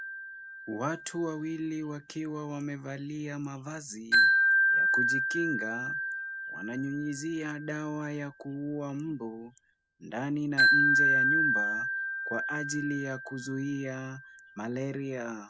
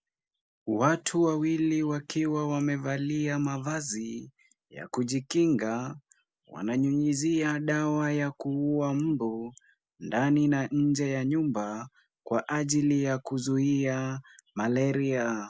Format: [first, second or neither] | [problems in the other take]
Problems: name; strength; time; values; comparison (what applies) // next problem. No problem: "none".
second | background sound (Wind chime); 5 dB above the speech